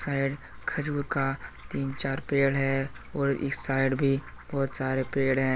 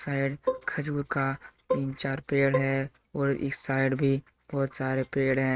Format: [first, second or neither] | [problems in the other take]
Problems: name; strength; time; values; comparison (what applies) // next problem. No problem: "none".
first | noise reduction (neural mask model RNNoise)